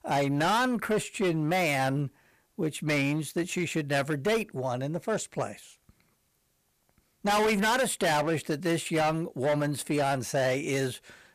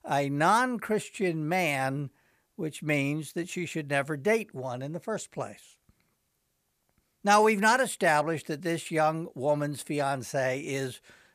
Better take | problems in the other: second | distortion; heavy; 13% of the sound clipped

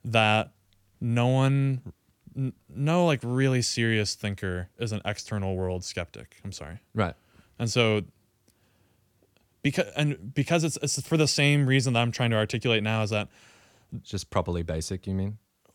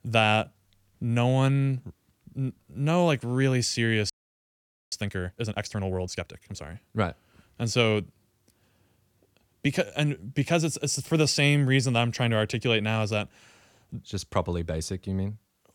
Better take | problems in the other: first | audio freezing; at 4 s for 1 s

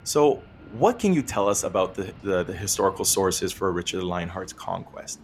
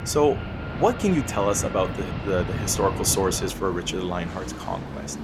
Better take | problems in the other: first | train or aircraft noise; loud; throughout; 7 dB below the speech; faint in the first

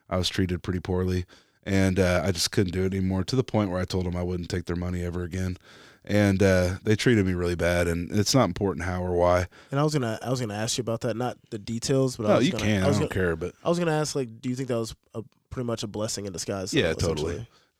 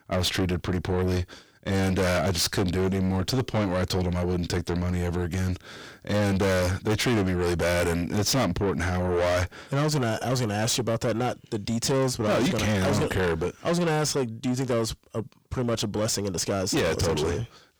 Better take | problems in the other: first | distortion; heavy; 6 dB below the speech

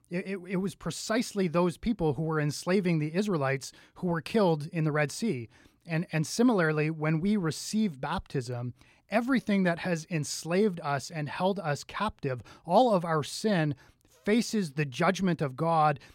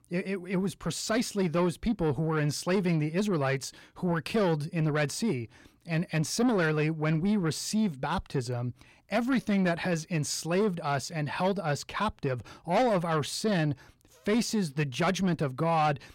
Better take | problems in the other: first | distortion; slight; 10 dB below the speech

